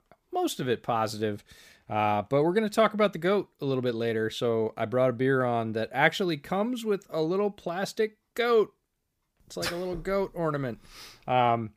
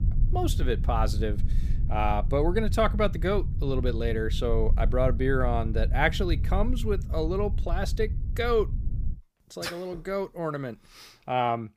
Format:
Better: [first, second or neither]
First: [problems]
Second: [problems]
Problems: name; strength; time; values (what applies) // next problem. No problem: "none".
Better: first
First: none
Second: low rumble; noticeable; until 9 s; 15 dB below the speech